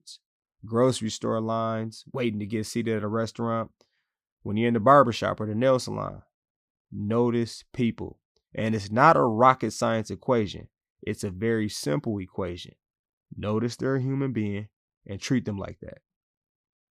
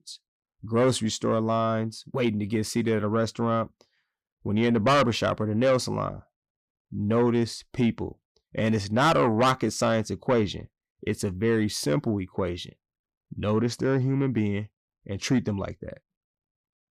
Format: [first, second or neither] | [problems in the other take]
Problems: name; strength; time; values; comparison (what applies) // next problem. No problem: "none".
first | distortion; heavy; 8 dB below the speech